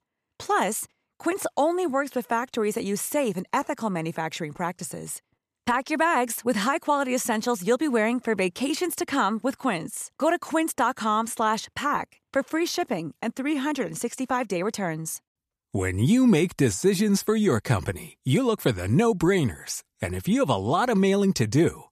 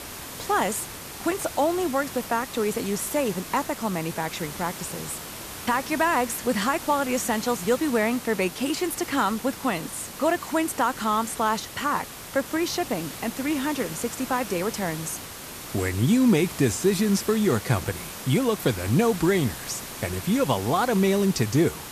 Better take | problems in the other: first | hiss; noticeable; throughout; 10 dB below the speech

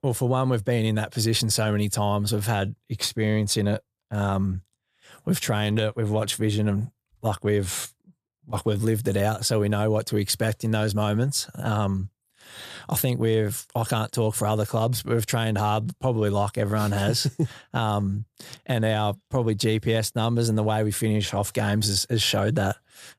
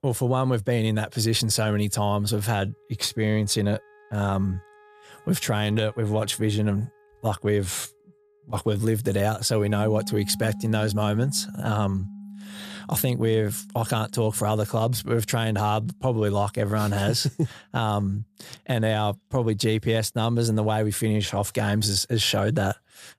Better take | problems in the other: first | background music; noticeable; throughout; 15 dB below the speech

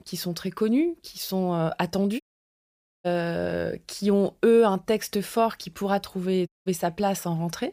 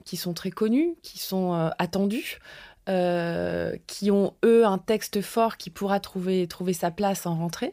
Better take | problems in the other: second | audio cutting out; at 2 s for 1 s and at 6.5 s

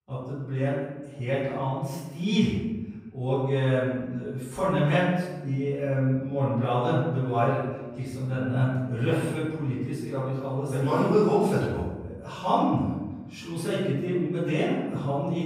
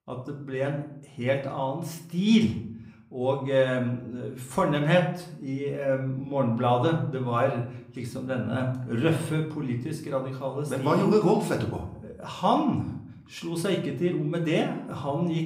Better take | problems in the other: second | room echo; strong; dies away in 1.1 s; slight in the second // off-mic speech; far; somewhat distant in the second

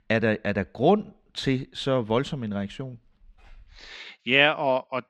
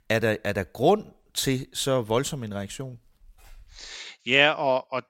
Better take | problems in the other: second | muffled; slightly; fading above 3 kHz

